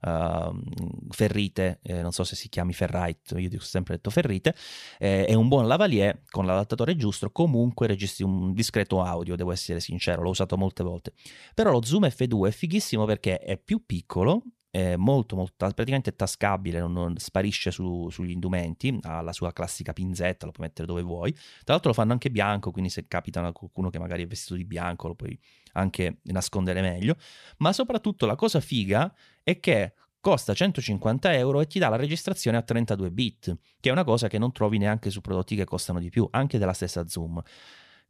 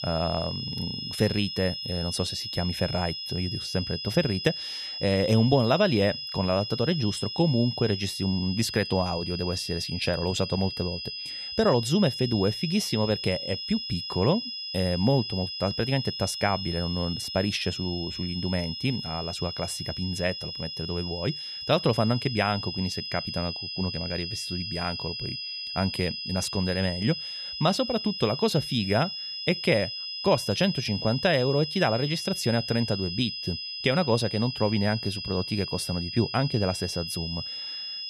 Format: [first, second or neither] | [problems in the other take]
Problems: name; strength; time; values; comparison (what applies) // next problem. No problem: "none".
first | high-pitched whine; loud; throughout; 5 kHz, 5 dB below the speech